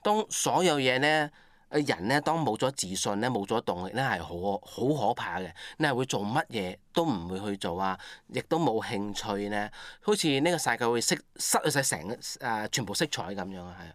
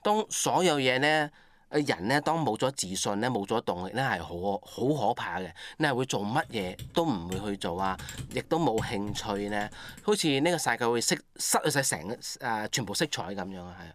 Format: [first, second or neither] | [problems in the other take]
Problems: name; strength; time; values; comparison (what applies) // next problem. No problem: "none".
first | keyboard typing; faint; from 6.5 to 10 s; peak 10 dB below the speech